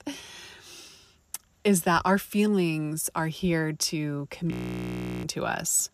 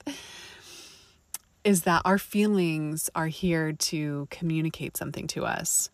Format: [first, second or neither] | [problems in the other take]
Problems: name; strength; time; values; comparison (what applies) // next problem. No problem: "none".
second | audio freezing; at 4.5 s for 0.5 s